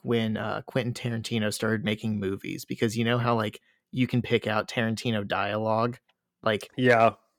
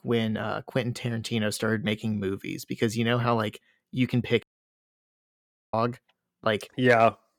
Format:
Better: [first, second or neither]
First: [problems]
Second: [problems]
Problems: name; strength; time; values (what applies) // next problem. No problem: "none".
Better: first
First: none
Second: audio cutting out; at 4.5 s for 1.5 s